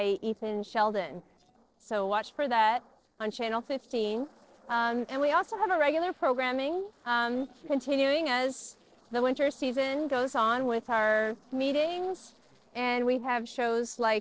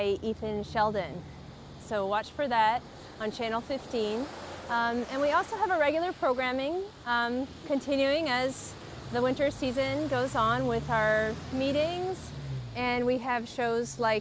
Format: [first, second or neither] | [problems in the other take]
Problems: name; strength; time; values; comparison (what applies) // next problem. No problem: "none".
second | noise reduction (neural separator model SepFormer DNS4)